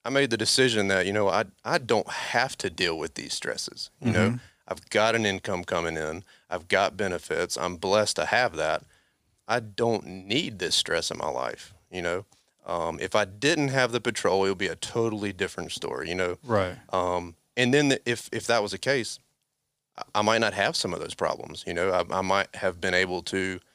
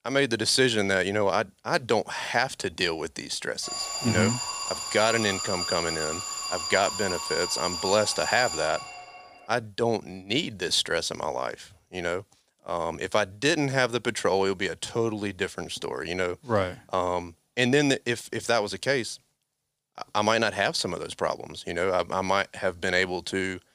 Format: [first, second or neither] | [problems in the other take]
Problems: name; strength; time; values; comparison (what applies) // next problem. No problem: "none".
first | alarm; noticeable; from 3.5 to 9 s; peak 2 dB below the speech